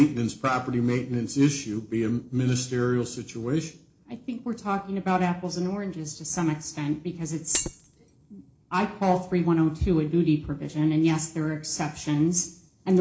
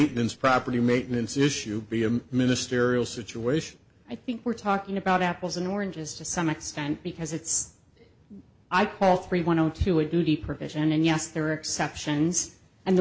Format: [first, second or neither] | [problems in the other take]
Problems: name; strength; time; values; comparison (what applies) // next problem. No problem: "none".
second | noise reduction (neural separator model SepFormer DNS4)